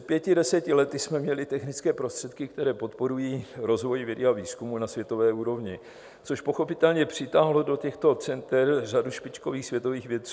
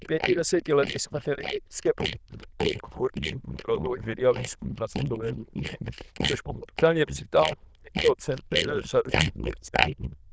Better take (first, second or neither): first